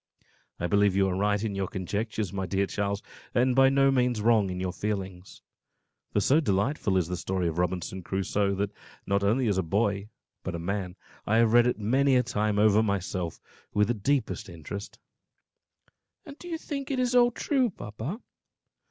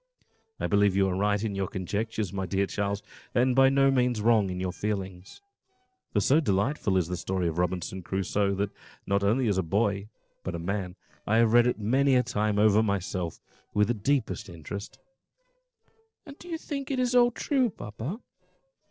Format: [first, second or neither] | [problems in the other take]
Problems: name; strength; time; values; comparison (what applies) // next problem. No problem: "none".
first | noise reduction (neural separator model SepFormer DNS4)